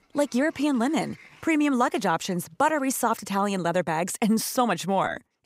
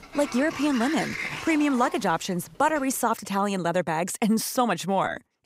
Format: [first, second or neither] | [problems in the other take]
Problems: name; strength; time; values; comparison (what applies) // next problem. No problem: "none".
first | household noises; loud; until 3 s; 10 dB below the speech; faint in the first